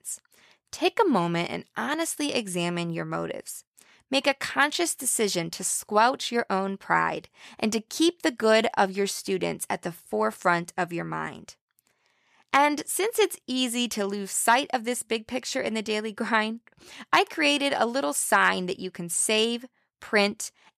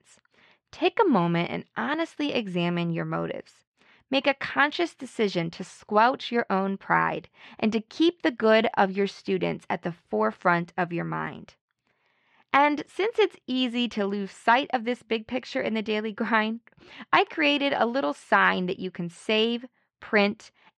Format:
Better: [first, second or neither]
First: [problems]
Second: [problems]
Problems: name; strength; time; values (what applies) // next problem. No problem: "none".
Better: first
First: none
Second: muffled; slightly; fading above 3.5 kHz